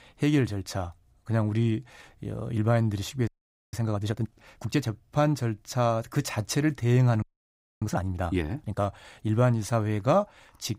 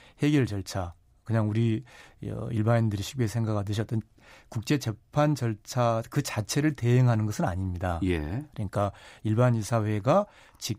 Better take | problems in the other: second | audio freezing; at 3.5 s and at 7 s for 0.5 s

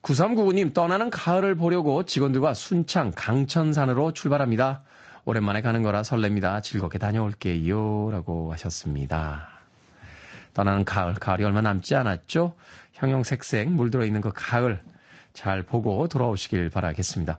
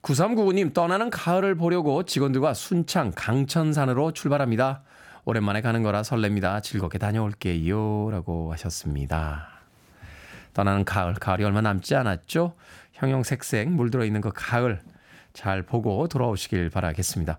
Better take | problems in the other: second | garbled, watery; slightly; nothing above 7.5 kHz

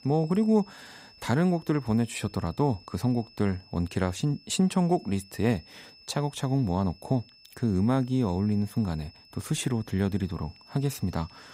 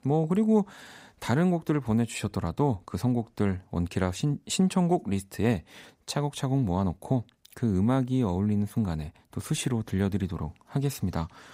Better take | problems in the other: second | high-pitched whine; faint; throughout; 5 kHz, 25 dB below the speech

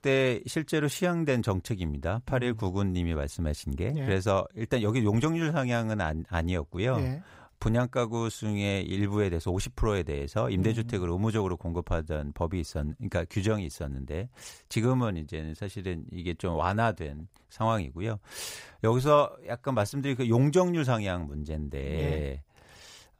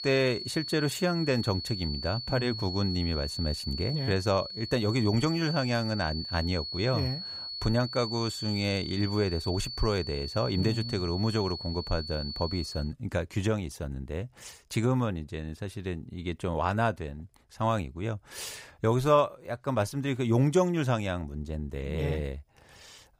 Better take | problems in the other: first | high-pitched whine; loud; until 13 s; 4.5 kHz, 6 dB below the speech

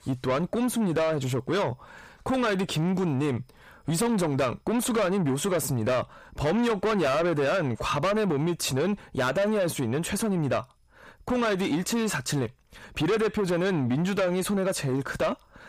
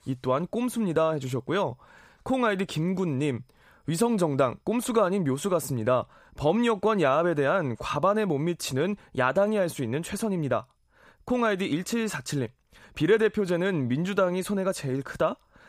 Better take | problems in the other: second | distortion; heavy; 7 dB below the speech

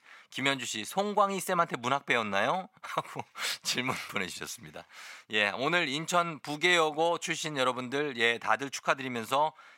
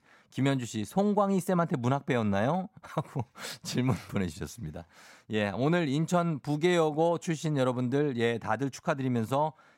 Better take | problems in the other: second | thin; somewhat; fading below 1 kHz

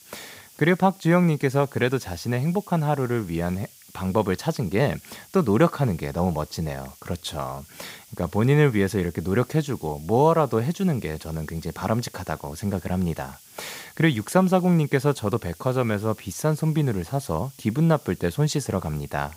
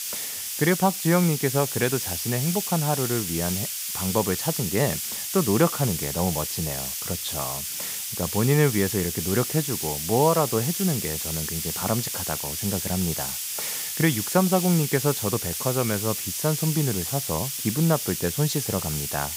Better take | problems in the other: first | hiss; loud; throughout; 2 dB below the speech; faint in the first

